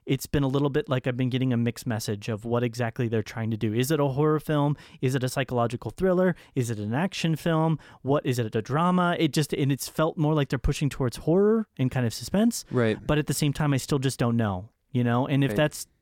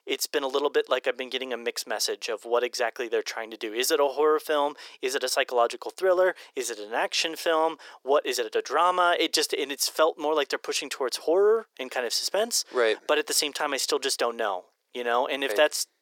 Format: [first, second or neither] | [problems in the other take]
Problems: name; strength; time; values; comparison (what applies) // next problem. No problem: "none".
first | thin; very; fading below 400 Hz